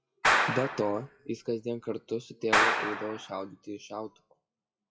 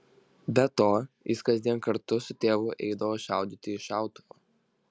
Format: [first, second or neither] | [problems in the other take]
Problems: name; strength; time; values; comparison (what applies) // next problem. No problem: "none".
second | noise reduction (classical method WPE with log-MMSE)